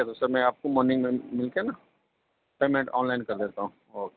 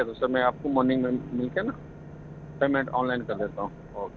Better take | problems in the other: first | background sound (Engine / Boat, Water vehicle); 14 dB below the speech

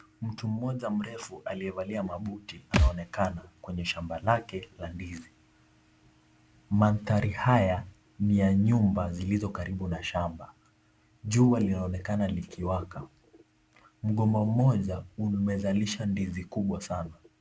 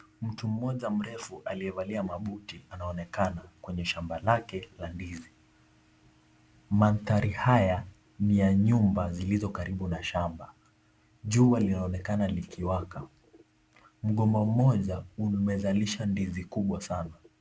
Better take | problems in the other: second | background sound (Thump, thud); as loud as the speech

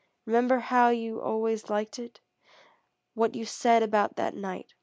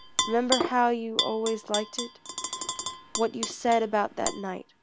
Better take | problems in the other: first | background sound (Tap / Glass); 5 dB below the speech

